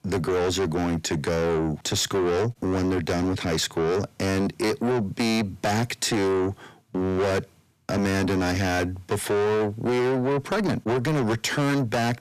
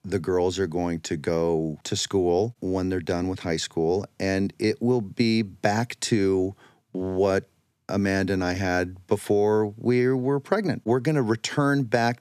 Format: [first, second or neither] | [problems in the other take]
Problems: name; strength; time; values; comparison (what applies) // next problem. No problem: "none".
second | distortion; heavy; 6 dB below the speech